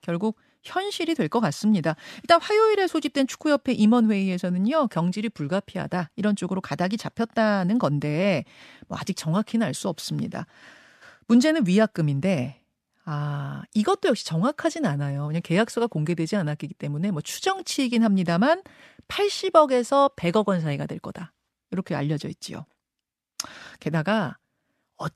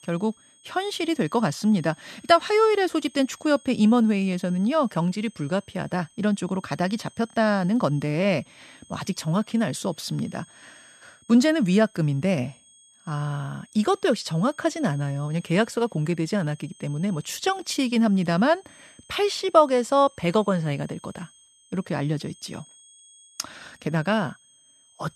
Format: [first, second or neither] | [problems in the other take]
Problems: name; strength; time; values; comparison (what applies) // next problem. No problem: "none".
first | high-pitched whine; faint; throughout; 3 kHz, 25 dB below the speech